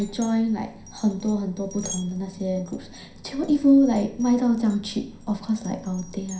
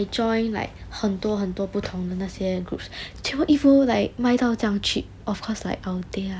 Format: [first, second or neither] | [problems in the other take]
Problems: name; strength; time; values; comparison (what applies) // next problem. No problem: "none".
second | background sound (Glass); 19 dB below the speech // room echo; dies away in 0.5 s